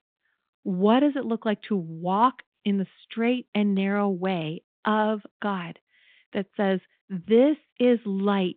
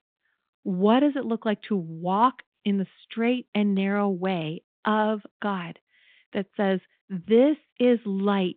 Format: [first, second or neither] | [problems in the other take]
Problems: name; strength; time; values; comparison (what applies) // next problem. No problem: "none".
neither | phone-call audio; the same in both